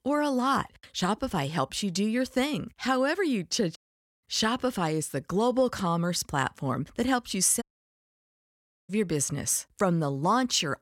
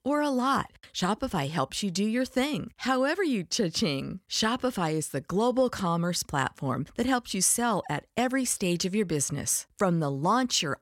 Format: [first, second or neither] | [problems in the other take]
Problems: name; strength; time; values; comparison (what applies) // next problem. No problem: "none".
second | audio cutting out; at 4 s and at 7.5 s for 1.5 s